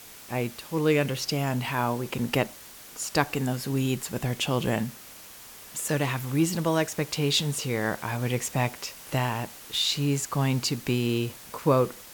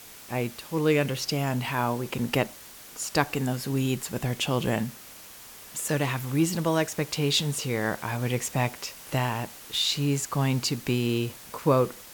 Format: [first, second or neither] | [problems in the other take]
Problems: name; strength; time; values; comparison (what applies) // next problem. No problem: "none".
neither | hiss; noticeable; throughout; 15 dB below the speech; the same in both